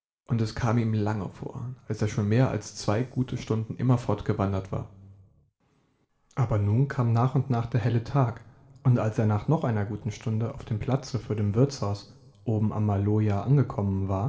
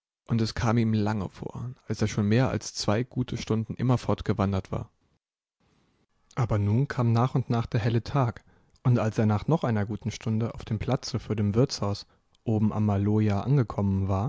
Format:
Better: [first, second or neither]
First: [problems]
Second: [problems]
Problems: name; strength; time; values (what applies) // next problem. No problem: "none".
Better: second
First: room echo; dies away in 1.8 s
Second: none